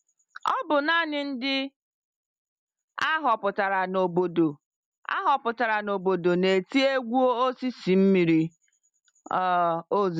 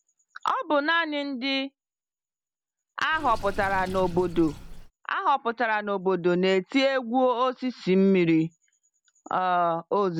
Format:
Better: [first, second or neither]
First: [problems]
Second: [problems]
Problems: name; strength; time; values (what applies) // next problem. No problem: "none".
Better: first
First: none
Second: background sound (Sink (filling or washing) / Water); 18 dB below the speech